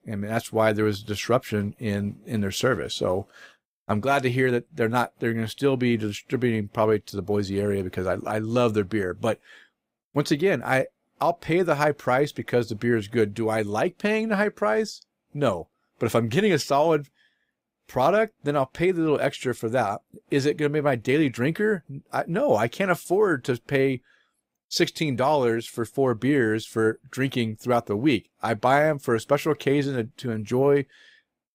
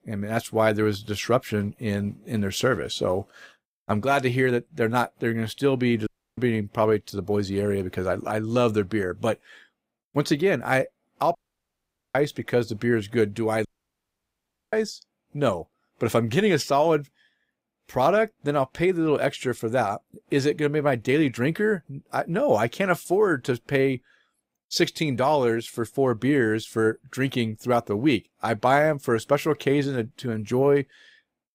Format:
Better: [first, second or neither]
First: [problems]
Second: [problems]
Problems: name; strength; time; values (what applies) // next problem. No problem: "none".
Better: first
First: none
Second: audio cutting out; at 6 s, at 11 s for 1 s and at 14 s for 1 s